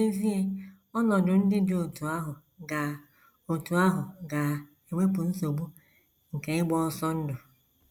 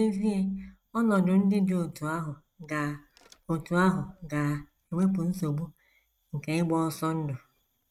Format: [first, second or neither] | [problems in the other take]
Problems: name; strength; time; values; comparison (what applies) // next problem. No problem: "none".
first | noise reduction (neural mask model RNNoise)